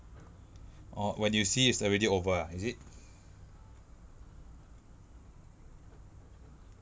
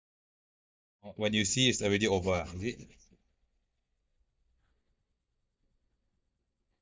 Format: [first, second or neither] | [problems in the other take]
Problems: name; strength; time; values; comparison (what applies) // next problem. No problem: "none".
first | noise reduction (neural mask model DeepFilterNet 3)